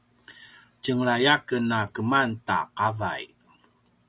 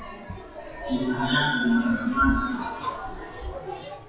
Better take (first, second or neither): first